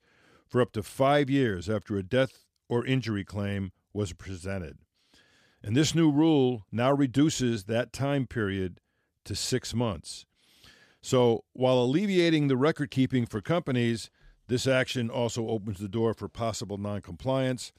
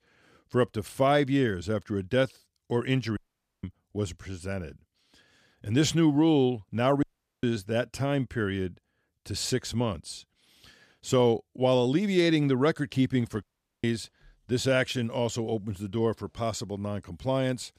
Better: first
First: none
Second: audio cutting out; at 3 s, at 7 s and at 13 s

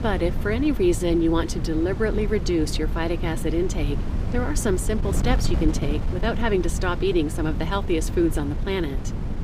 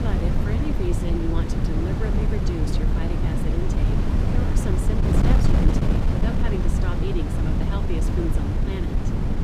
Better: first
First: wind noise on the microphone; occasional gusts; 10 dB below the speech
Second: wind noise on the microphone; heavy; 3 dB above the speech

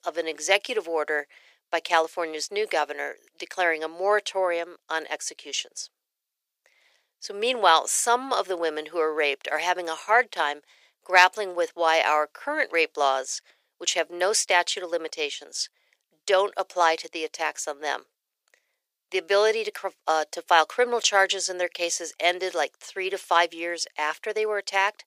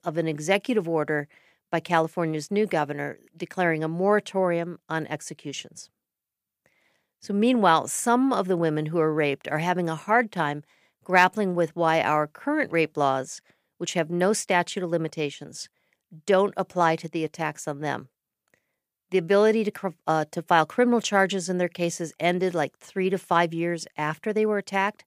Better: second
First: thin; very; fading below 450 Hz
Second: none

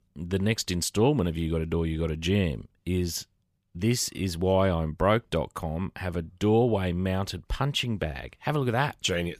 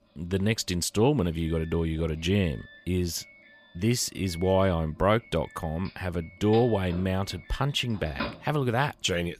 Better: first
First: none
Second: doorbell; noticeable; from 2 to 8.5 s; peak 8 dB below the speech

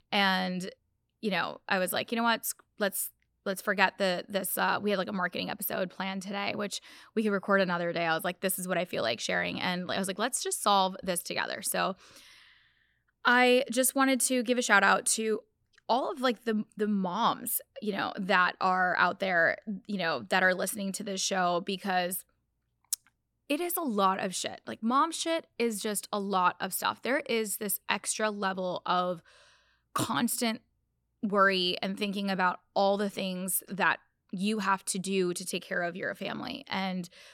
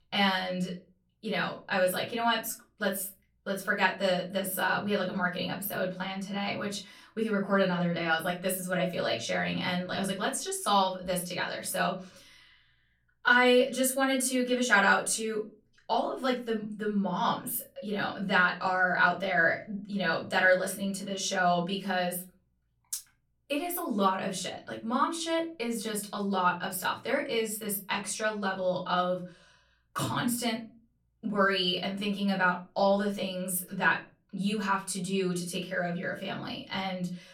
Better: first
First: none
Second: off-mic speech; far // room echo; very slight; dies away in 0.3 s

